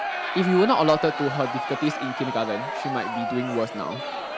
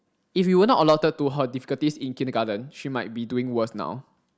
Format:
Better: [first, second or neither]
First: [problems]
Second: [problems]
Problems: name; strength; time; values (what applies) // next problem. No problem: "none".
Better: second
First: background sound (Crowd); 5 dB below the speech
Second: none